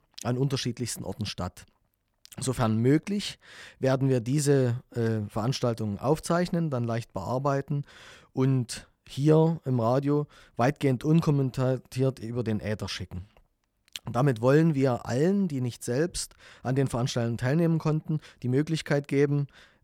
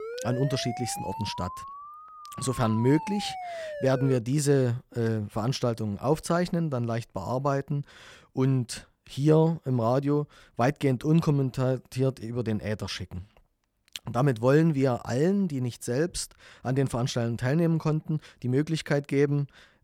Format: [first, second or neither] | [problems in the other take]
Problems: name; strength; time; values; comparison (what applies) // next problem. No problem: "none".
first | siren; noticeable; until 4 s; peak 9 dB below the speech